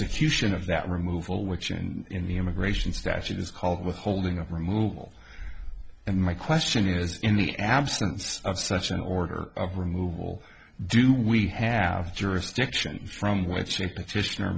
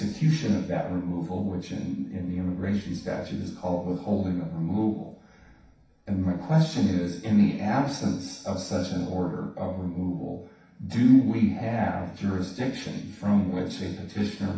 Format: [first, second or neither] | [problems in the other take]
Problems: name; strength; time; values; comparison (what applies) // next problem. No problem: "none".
first | room echo; dies away in 0.7 s